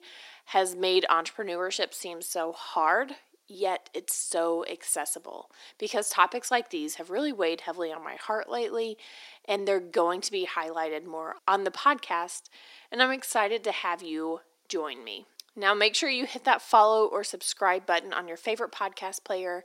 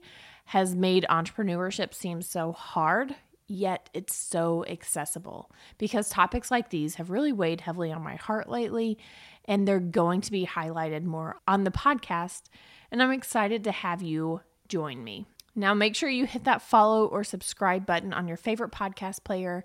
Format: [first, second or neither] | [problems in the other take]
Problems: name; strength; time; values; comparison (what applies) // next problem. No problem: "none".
second | thin; somewhat; fading below 300 Hz